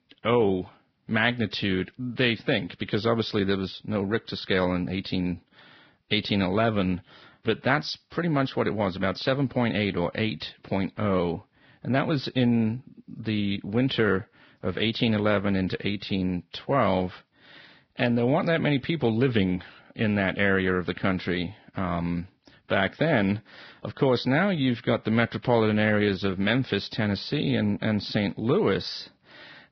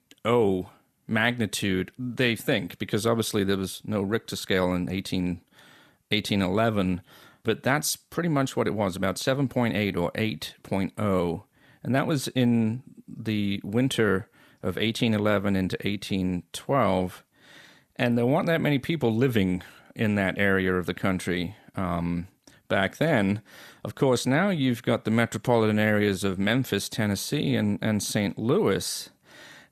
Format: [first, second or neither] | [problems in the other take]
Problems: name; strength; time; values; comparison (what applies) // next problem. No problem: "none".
second | garbled, watery; badly; nothing above 5.5 kHz